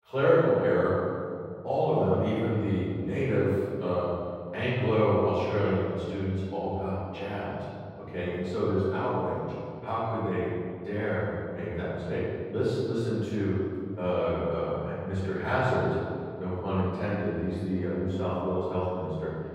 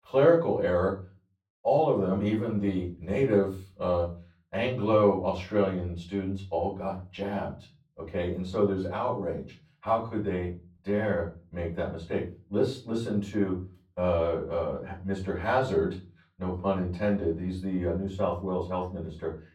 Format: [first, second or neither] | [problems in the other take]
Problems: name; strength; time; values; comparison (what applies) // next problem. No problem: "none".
second | room echo; strong; dies away in 2.1 s; slight in the second // off-mic speech; far; far in the second